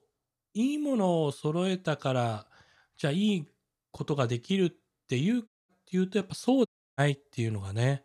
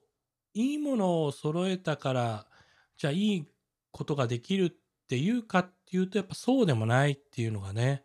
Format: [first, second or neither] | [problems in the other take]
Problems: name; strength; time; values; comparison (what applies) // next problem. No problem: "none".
second | audio cutting out; at 5.5 s and at 6.5 s